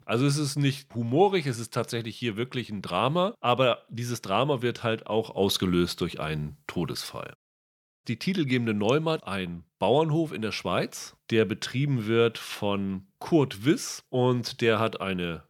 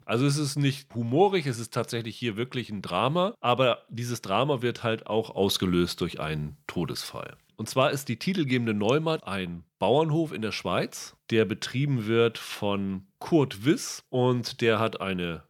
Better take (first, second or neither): second